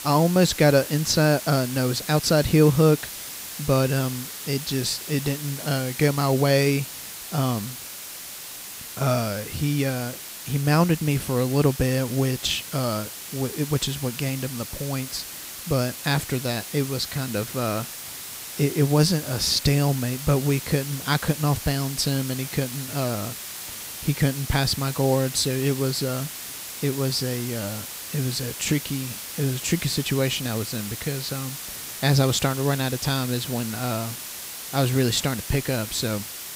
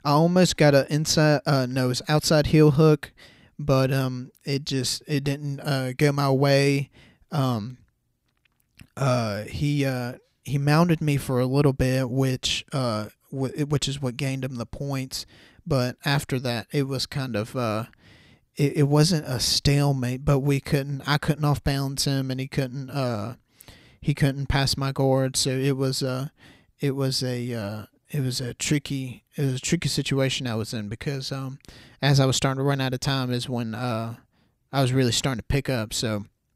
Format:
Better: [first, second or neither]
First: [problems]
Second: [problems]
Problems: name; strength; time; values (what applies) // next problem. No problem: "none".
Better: second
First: hiss; loud; throughout; 9 dB below the speech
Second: none